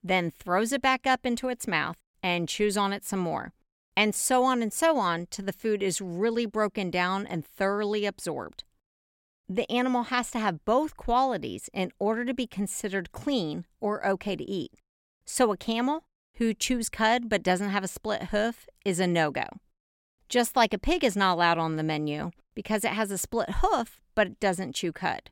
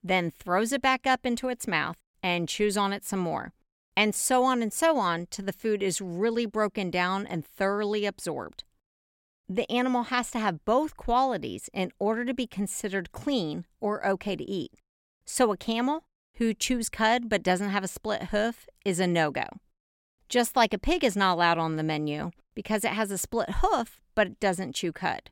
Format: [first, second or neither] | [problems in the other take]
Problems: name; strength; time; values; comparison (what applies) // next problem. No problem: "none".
neither | none